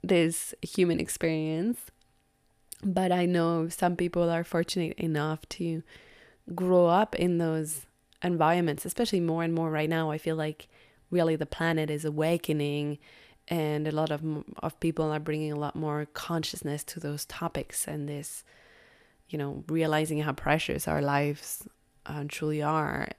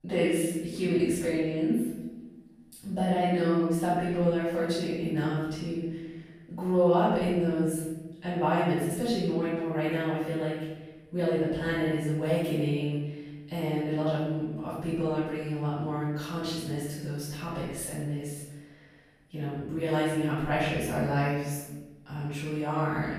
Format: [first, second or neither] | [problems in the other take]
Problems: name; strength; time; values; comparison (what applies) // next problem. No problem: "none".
first | room echo; strong; dies away in 1 s // off-mic speech; far